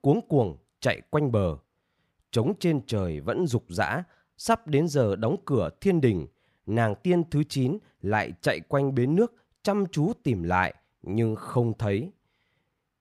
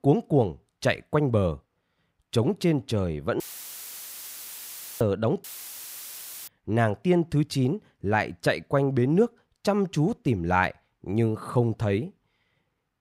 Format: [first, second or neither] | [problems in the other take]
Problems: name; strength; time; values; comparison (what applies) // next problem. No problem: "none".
first | audio cutting out; filled with static; at 3.5 s for 1.5 s and at 5.5 s for 1 s